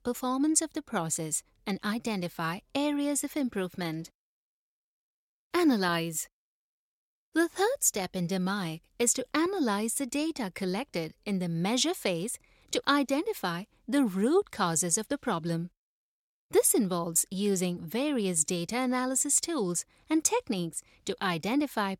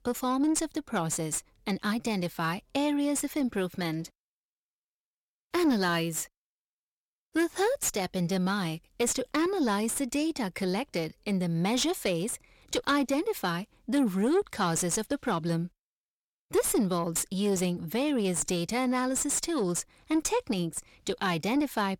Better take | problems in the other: first | distortion; slight; 10 dB below the speech

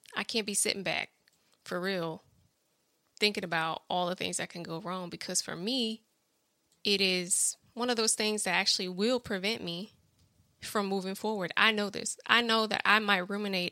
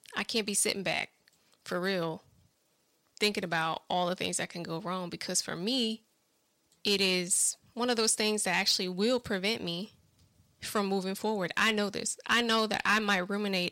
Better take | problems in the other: first | distortion; slight; 10 dB below the speech

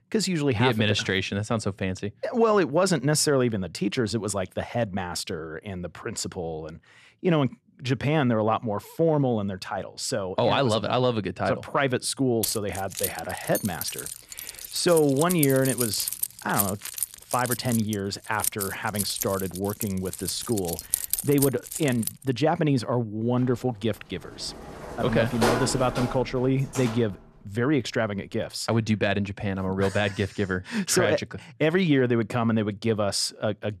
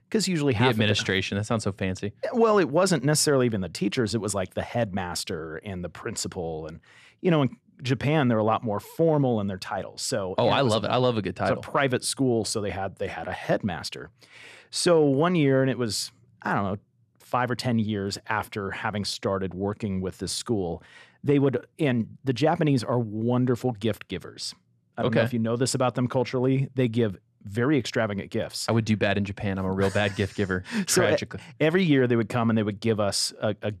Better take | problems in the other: second | jangling keys; loud; from 12 to 22 s; peak 1 dB above the speech // door banging; loud; from 25 to 27 s; peak 1 dB above the speech

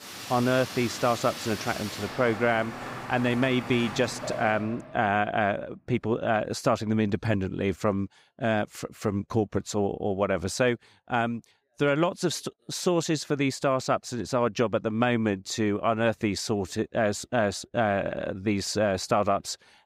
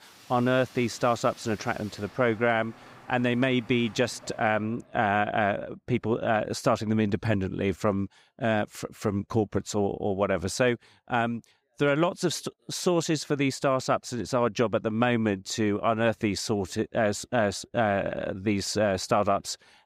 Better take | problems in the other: second | rain or running water; loud; until 4.5 s; 10 dB below the speech; faint in the second

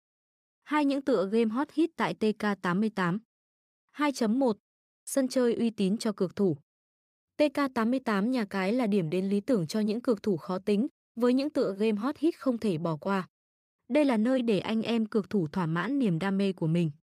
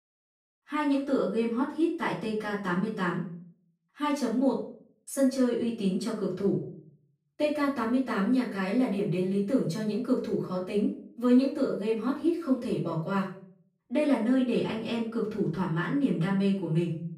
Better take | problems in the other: first | off-mic speech; far // room echo; noticeable; dies away in 0.4 s

